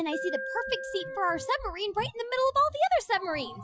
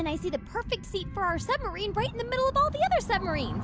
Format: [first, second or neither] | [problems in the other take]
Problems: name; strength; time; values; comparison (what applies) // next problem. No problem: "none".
second | noise reduction (classical method Wiener filter)